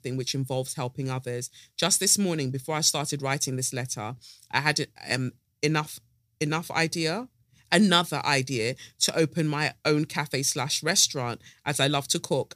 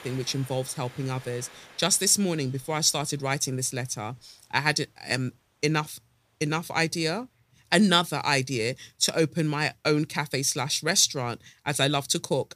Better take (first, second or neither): first